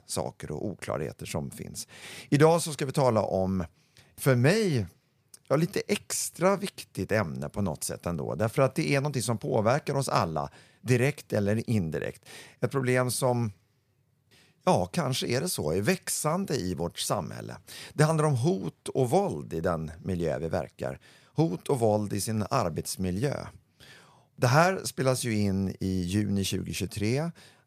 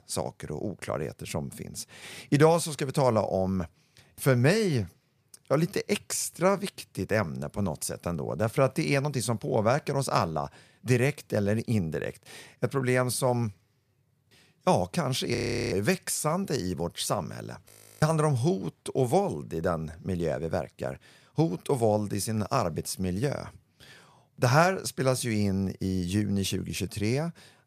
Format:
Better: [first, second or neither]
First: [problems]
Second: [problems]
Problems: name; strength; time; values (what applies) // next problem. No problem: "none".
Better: first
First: none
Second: audio freezing; at 15 s and at 18 s